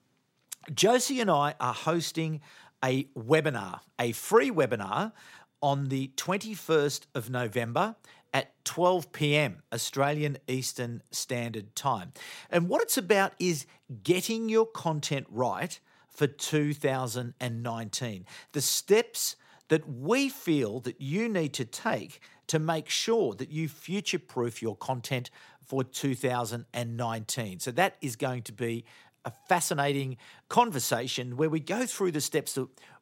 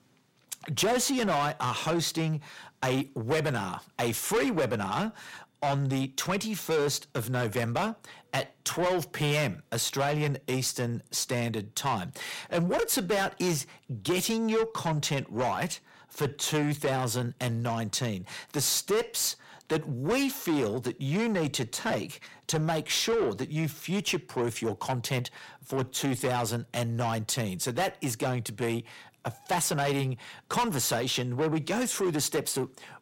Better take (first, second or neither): first